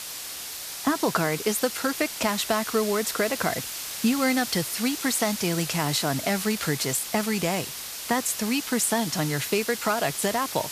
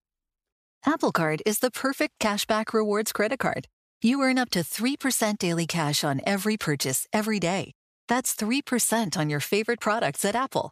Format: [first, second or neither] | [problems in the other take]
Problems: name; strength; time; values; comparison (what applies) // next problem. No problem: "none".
second | hiss; loud; throughout; 6 dB below the speech